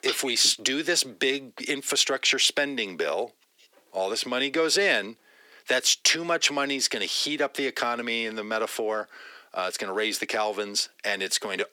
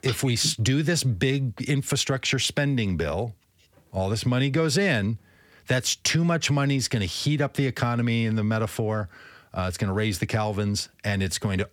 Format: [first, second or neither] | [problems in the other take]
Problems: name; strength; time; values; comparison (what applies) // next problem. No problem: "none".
second | thin; very; fading below 300 Hz